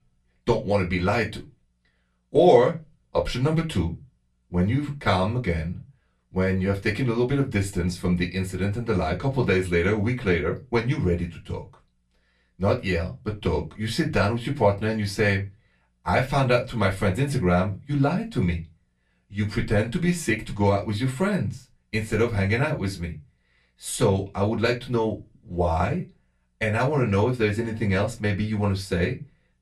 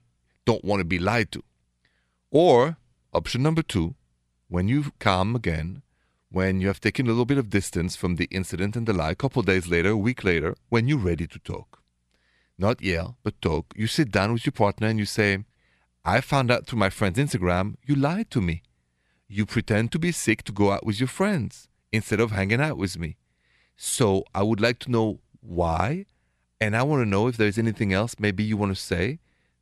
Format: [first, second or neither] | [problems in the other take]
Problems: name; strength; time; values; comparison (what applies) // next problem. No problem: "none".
second | off-mic speech; far // room echo; very slight; dies away in 0.2 s